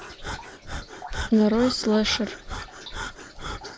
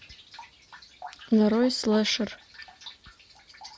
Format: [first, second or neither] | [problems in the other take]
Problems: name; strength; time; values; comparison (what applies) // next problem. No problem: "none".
second | background sound (Breathing); 9 dB below the speech